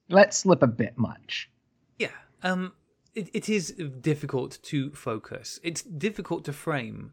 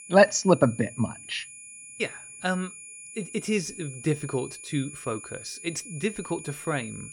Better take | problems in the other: first | high-pitched whine; noticeable; throughout; 9.5 kHz, 15 dB below the speech

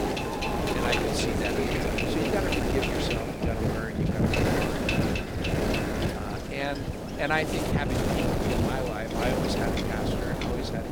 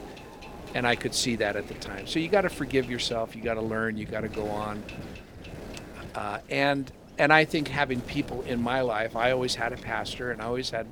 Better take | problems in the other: second | wind noise on the microphone; heavy; 4 dB above the speech; occasional gusts in the second

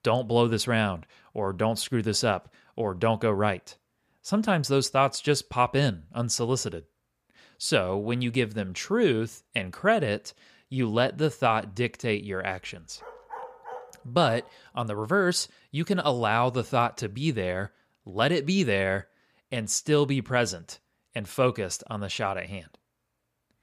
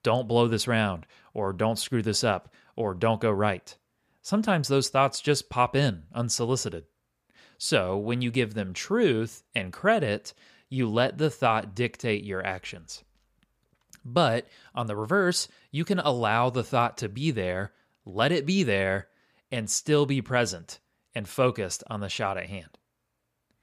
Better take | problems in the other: second | dog barking; faint; from 13 to 14 s; peak 15 dB below the speech

